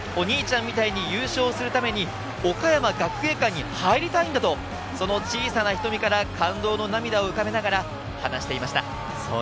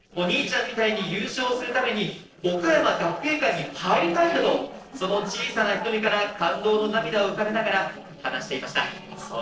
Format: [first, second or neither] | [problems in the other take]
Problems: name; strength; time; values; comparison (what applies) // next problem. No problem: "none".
first | noise reduction (neural separator model SepFormer DNS4)